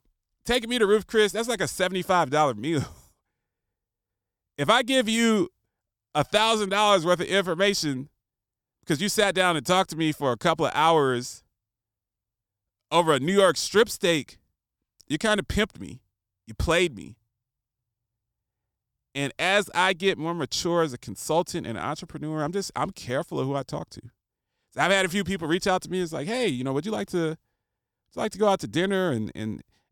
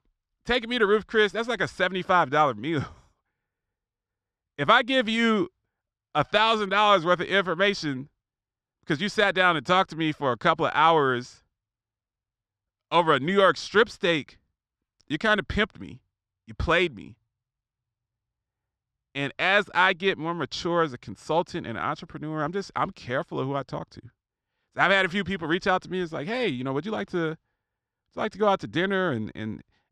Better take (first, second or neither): first